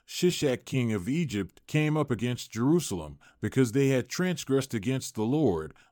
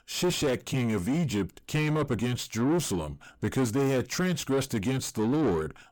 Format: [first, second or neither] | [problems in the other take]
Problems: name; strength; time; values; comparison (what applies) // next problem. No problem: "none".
first | distortion; heavy; 6 dB below the speech